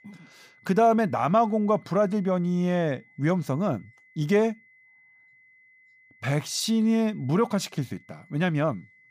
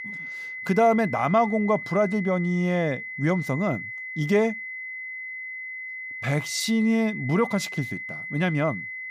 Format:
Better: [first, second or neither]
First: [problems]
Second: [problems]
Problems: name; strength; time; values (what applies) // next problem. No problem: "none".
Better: first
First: high-pitched whine; faint; throughout; 2 kHz, 30 dB below the speech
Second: high-pitched whine; loud; throughout; 2 kHz, 9 dB below the speech